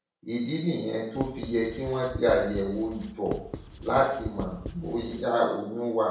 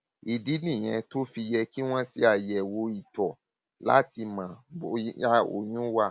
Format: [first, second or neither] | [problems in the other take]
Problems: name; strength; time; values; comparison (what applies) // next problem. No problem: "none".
second | background sound (Writing); 10 dB below the speech // room echo; dies away in 0.6 s